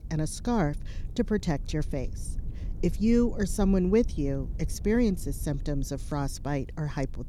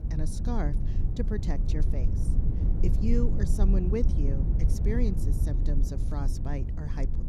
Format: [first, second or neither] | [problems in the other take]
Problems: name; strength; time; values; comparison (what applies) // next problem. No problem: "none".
first | low rumble; loud; throughout; 5 dB below the speech; faint in the first